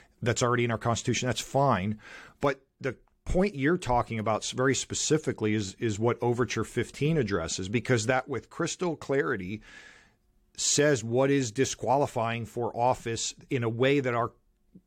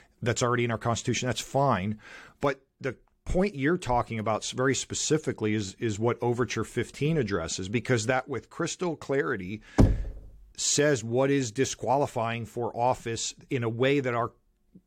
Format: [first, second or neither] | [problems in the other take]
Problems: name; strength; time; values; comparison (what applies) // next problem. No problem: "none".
first | door banging; loud; at 10 s; peak 4 dB above the speech